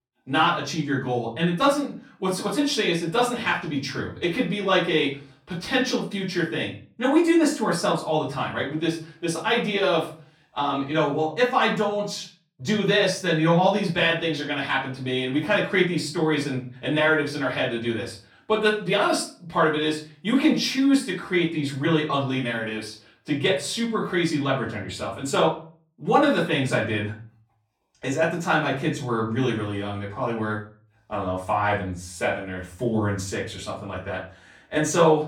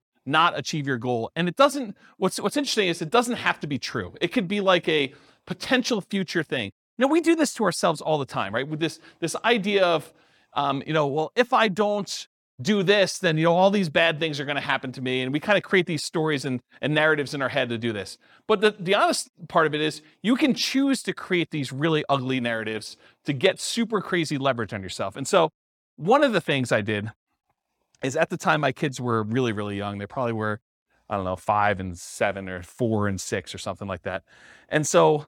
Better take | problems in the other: second | off-mic speech; far // room echo; slight; dies away in 0.4 s

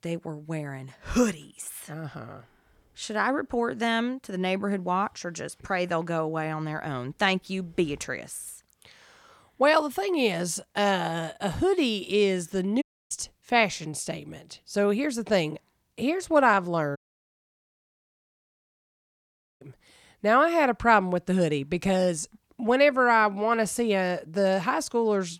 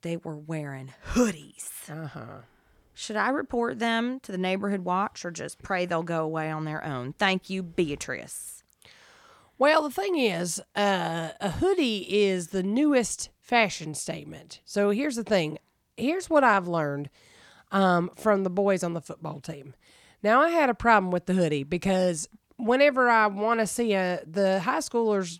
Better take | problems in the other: second | audio cutting out; at 13 s and at 17 s for 2.5 s

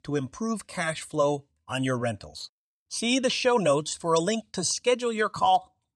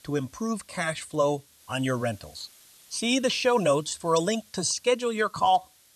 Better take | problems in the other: first | hiss; faint; throughout; 25 dB below the speech

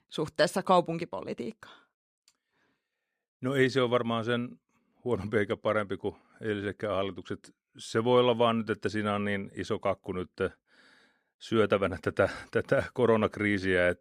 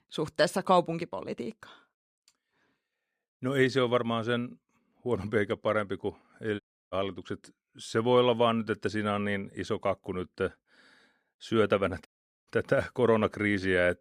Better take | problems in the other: first | audio cutting out; at 6.5 s and at 12 s

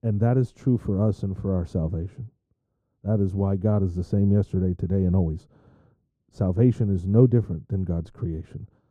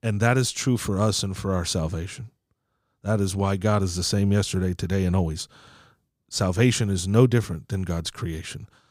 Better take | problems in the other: second | muffled; very; fading above 1 kHz

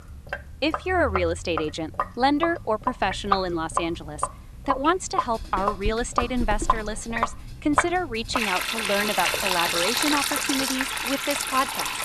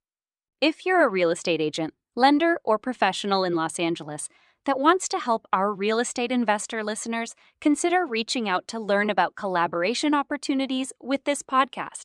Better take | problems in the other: second | household noises; loud; throughout; 1 dB below the speech

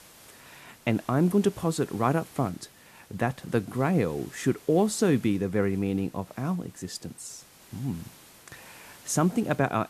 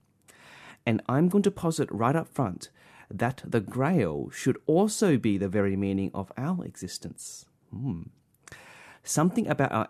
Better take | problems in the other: second | hiss; faint; throughout; 25 dB below the speech

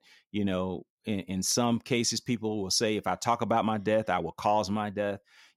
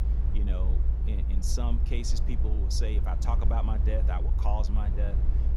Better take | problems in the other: first | low rumble; loud; throughout; 7 dB below the speech

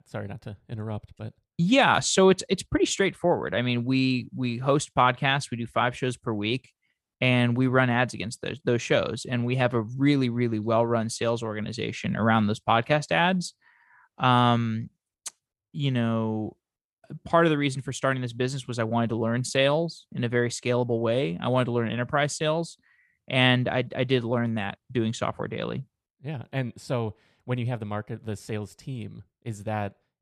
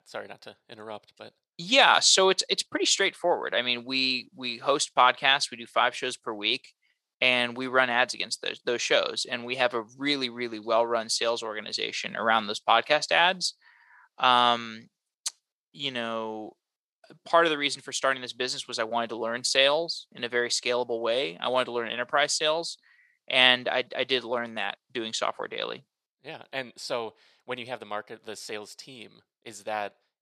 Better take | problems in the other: first | thin; somewhat; fading below 500 Hz

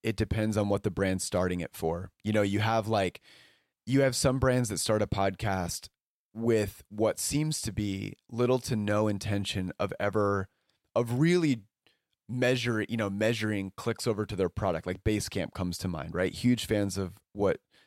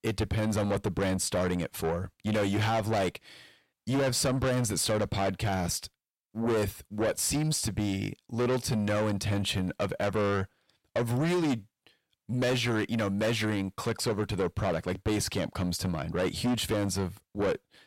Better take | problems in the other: first | distortion; heavy; 7 dB below the speech

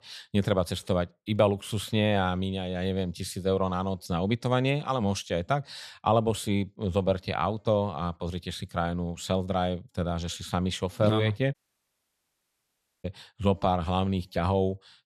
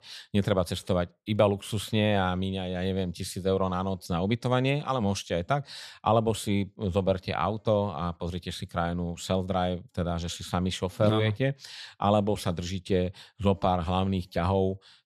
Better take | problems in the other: second | audio cutting out; at 12 s for 1.5 s

